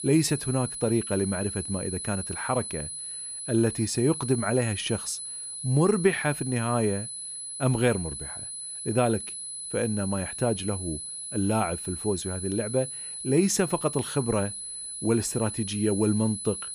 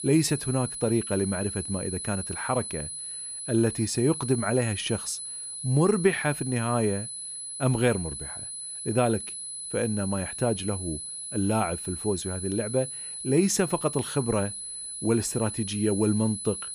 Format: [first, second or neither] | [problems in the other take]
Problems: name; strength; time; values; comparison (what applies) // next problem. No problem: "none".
neither | high-pitched whine; loud; throughout; 10 kHz, 6 dB below the speech; the same in both